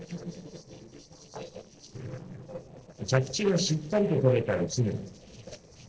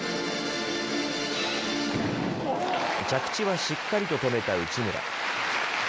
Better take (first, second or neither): second